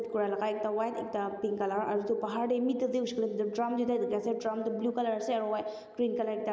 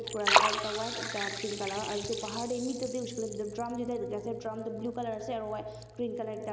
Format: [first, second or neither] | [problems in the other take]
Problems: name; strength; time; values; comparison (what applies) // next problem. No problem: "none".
first | background sound (Liquid); as loud as the speech